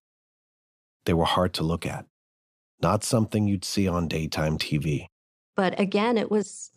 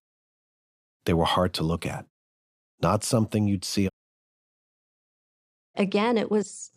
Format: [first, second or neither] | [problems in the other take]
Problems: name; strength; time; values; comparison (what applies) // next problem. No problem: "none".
first | audio cutting out; at 4 s for 2 s